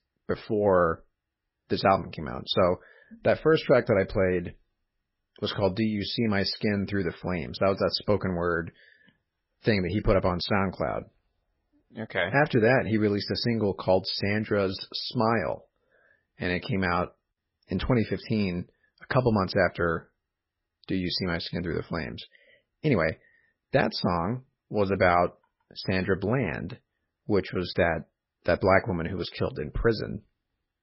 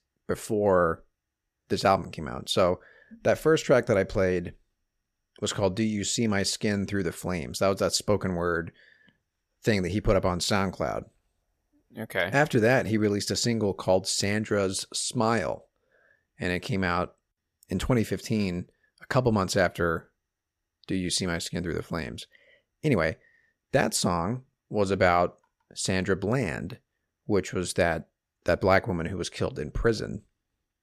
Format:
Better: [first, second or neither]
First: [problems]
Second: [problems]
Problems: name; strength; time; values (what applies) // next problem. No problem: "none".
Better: second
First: garbled, watery; badly; nothing above 5.5 kHz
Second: none